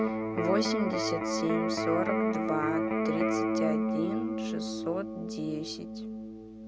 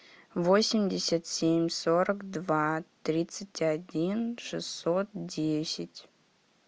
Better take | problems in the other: second | background sound (Electric guitar); 4 dB above the speech

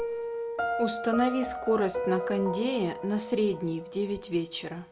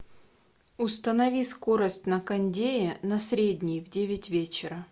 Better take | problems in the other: second | background sound (Piano); 5 dB below the speech

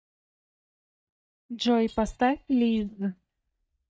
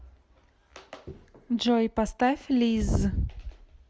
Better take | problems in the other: second | noise reduction (neural mask model DeepFilterNet 3)

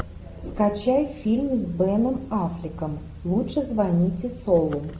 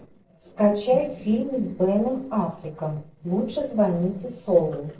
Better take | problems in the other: first | noise reduction (neural separator model SepFormer DNS4)

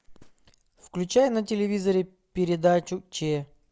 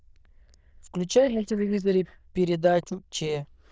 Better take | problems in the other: first | noise reduction (neural diffusion model UNIVERSE++)

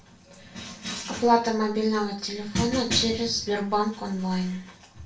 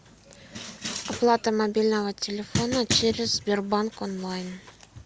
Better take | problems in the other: second | room echo; dies away in 0.3 s

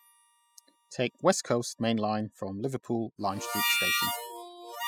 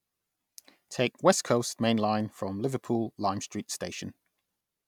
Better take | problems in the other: second | noise reduction (classical method spectral subtraction)

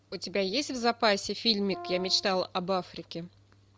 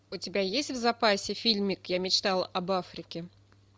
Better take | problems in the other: second | background sound (Brass instrument); 14 dB below the speech

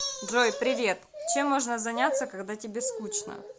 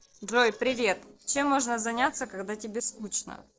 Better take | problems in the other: first | noise reduction (neural separator model SepFormer DNS4)

